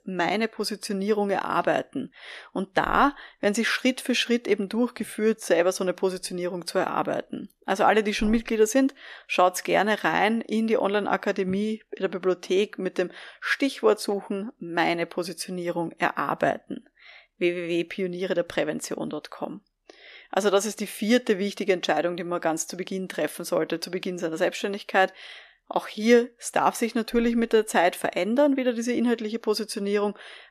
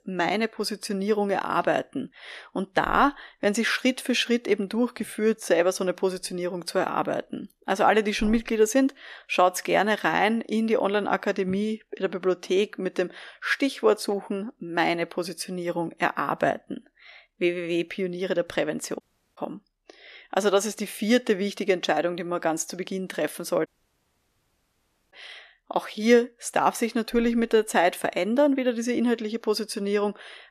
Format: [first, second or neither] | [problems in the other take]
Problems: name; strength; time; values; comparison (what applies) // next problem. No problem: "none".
first | audio cutting out; at 19 s and at 24 s for 1.5 s